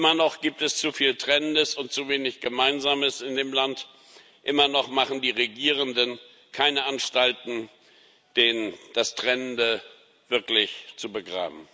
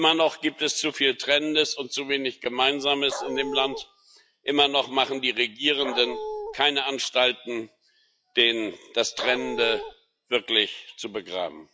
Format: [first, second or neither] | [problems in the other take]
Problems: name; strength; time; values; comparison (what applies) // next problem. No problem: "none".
first | noise reduction (classical method log-MMSE)